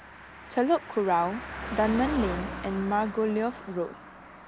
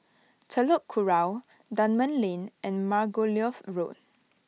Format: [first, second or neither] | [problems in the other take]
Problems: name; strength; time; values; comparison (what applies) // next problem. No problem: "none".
second | background sound (Car passing by); 10 dB below the speech